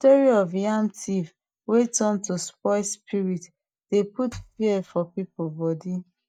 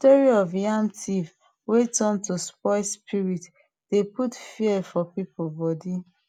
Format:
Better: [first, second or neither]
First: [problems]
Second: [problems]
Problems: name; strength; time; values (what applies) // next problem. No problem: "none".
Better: second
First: noise reduction (neural mask model DeepFilterNet 3)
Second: none